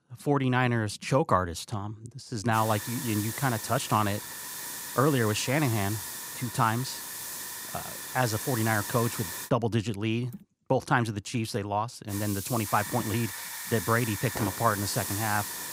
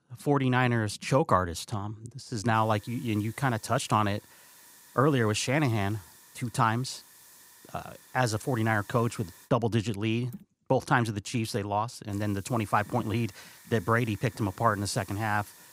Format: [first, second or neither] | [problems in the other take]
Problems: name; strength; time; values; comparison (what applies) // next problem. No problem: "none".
second | hiss; loud; from 2.5 to 9.5 s and from 12 s on; 6 dB below the speech; faint in the second